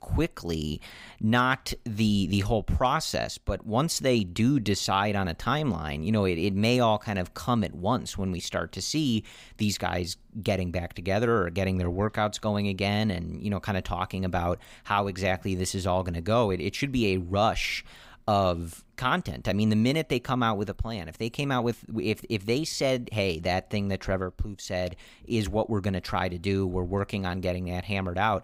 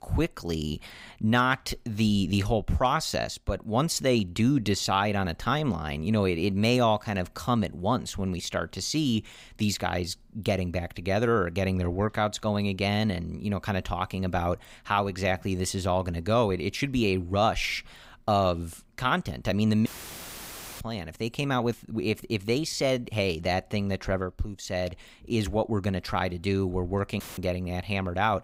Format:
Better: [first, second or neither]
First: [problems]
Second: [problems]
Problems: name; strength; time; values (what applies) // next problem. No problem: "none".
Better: first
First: none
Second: audio cutting out; filled with static; at 20 s for 1 s and at 27 s